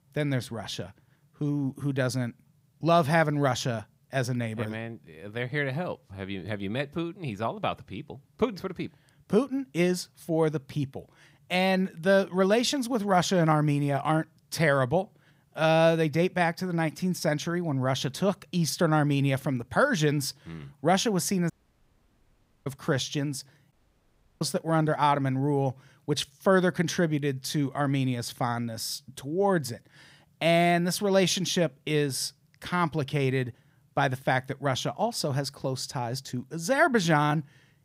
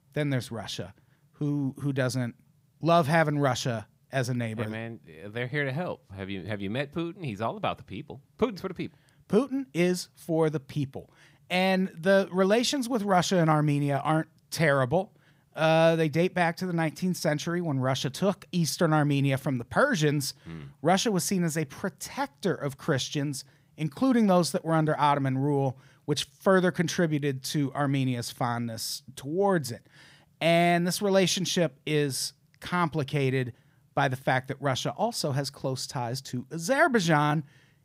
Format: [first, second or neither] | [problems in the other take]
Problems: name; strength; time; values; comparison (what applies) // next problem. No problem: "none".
second | audio cutting out; at 22 s for 1 s and at 24 s for 0.5 s